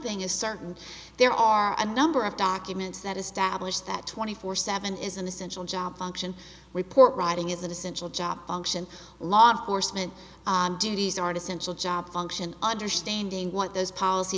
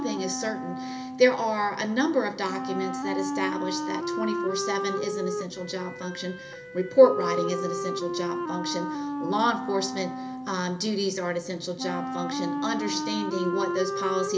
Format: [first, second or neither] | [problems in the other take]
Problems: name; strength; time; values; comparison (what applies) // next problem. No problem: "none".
first | background sound (Wind instrument, woodwind instrument); 4 dB below the speech // room echo; dies away in 0.3 s